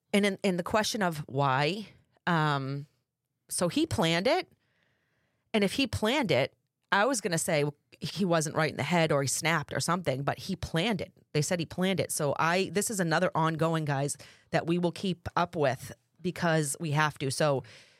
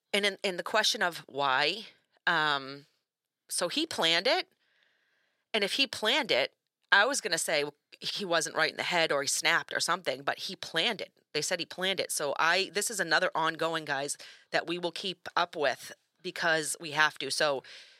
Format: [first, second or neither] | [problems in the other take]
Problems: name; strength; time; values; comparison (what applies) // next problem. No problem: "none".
first | thin; somewhat; fading below 350 Hz